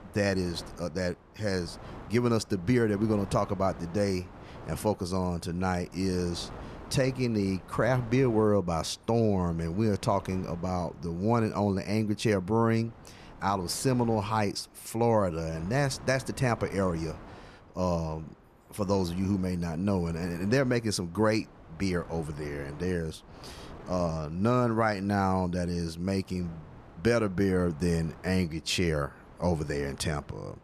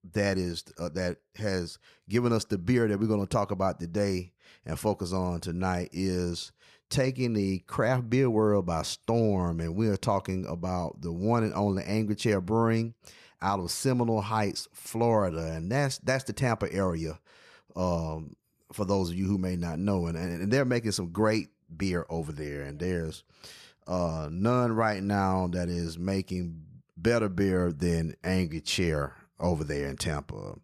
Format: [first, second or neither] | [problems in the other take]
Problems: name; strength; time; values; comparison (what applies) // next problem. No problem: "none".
second | wind noise on the microphone; occasional gusts; 20 dB below the speech